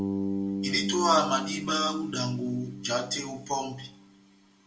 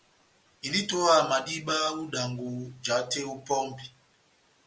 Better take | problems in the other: second | background sound (Bass guitar); 4 dB below the speech // room echo; dies away in 0.4 s

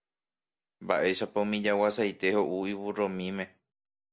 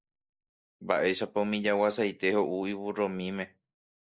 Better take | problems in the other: first | noise reduction (neural mask model Resemble Enhance denoiser)

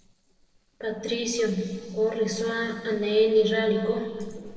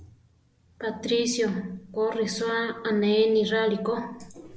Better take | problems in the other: second | noise reduction (neural separator model SepFormer DNS4)

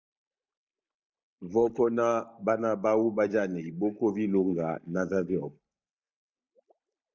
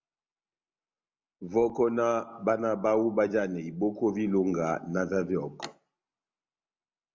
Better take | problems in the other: second | noise reduction (neural mask model DeepFilterNet 3)

